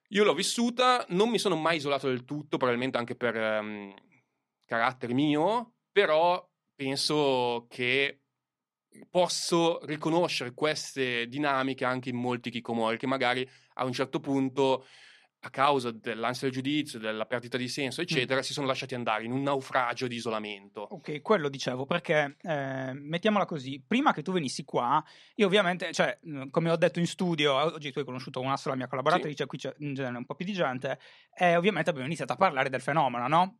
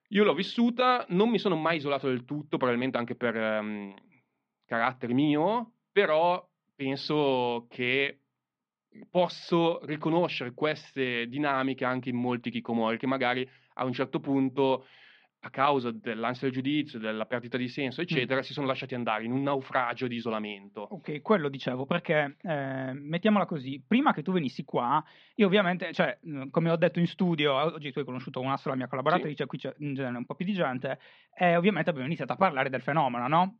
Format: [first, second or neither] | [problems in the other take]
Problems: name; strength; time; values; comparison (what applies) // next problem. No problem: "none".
first | muffled; slightly; fading above 3.5 kHz